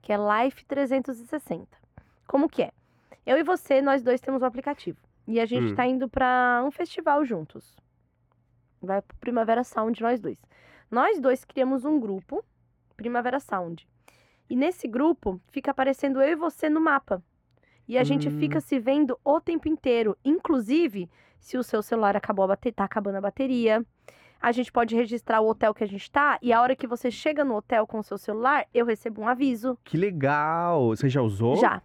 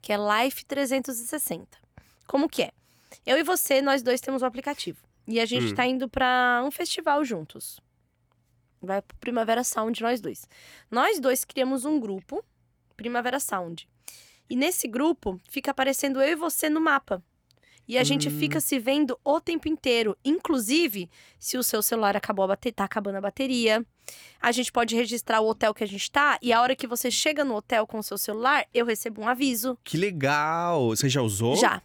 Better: second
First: muffled; very; fading above 3 kHz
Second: none

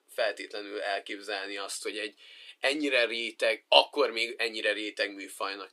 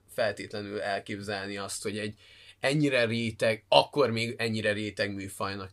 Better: second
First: thin; somewhat; fading below 300 Hz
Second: none

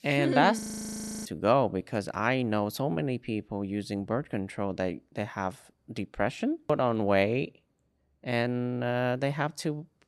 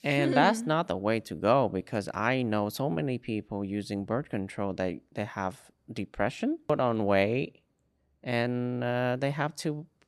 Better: second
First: audio freezing; at 0.5 s for 0.5 s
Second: none

